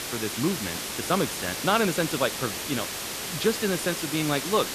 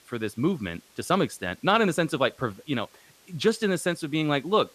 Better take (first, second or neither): second